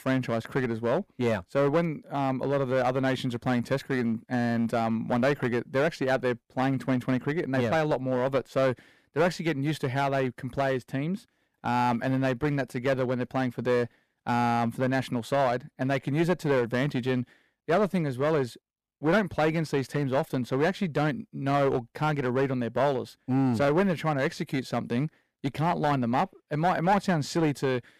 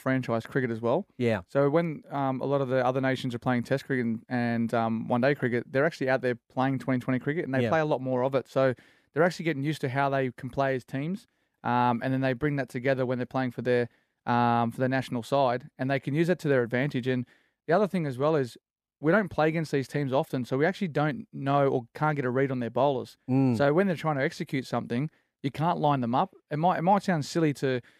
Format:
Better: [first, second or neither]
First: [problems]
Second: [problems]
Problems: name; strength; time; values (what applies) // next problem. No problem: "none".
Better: second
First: distortion; slight; 6% of the sound clipped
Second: none